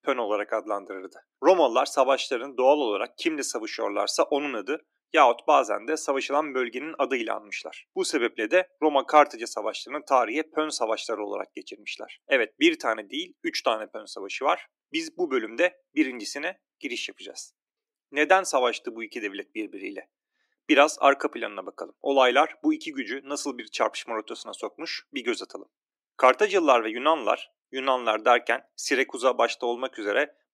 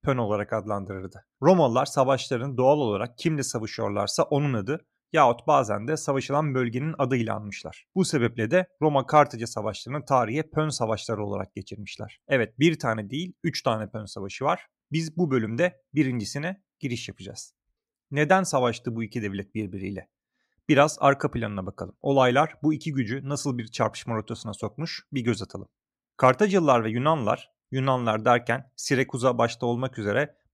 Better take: second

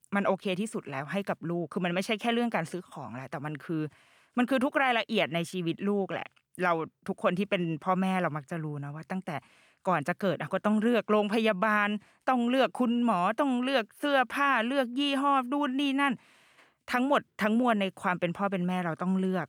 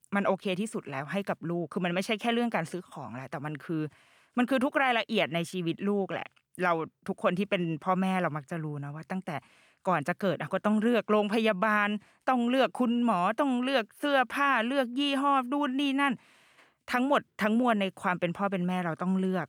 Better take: neither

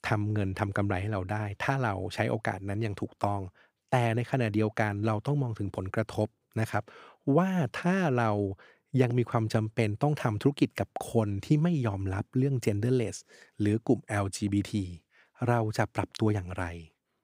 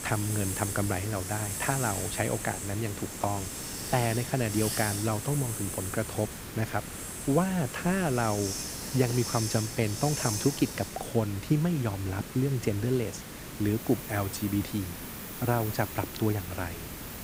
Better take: first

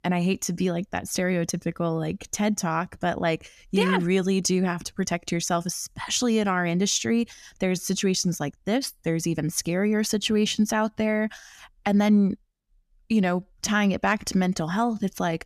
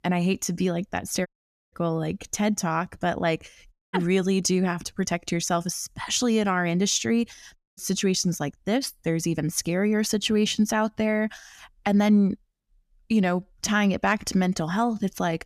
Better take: first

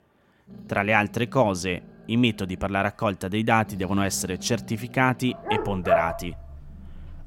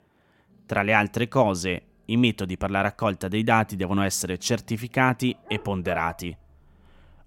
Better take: second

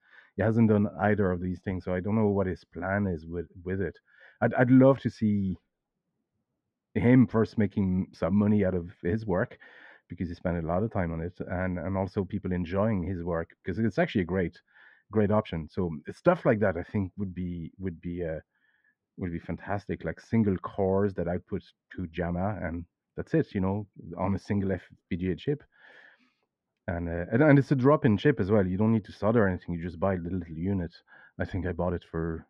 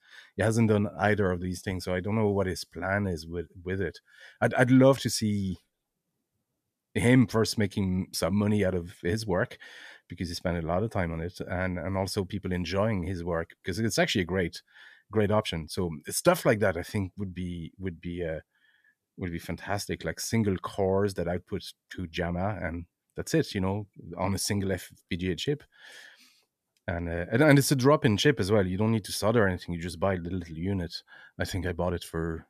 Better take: second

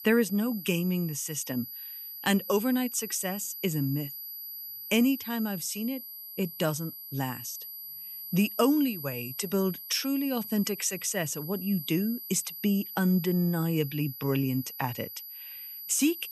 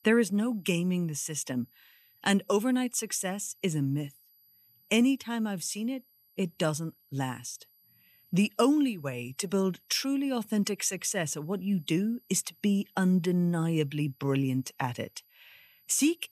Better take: second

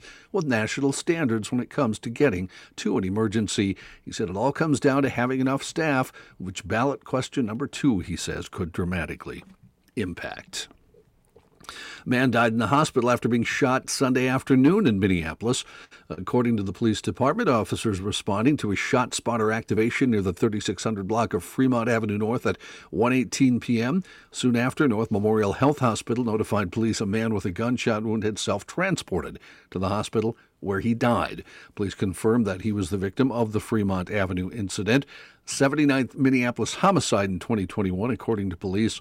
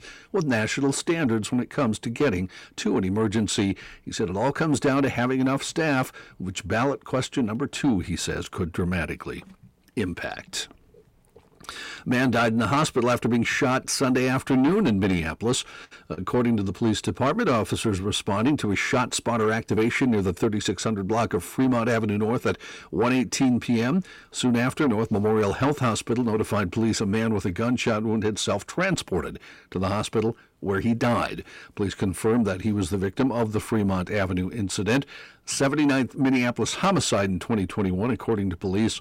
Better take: first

